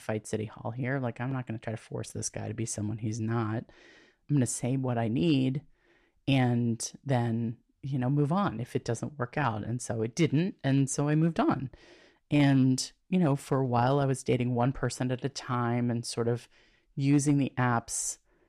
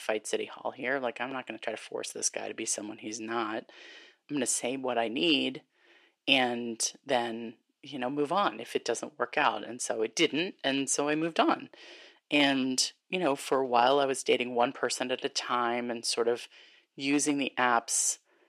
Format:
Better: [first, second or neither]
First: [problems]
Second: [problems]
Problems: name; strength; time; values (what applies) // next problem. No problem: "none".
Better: first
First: none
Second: thin; somewhat; fading below 350 Hz